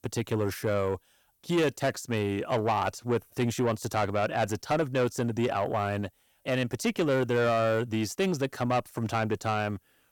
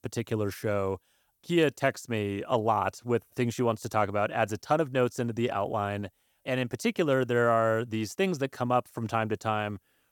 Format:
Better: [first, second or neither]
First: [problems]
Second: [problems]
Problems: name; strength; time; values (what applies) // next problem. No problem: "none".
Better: second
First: distortion; slight; 10 dB below the speech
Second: none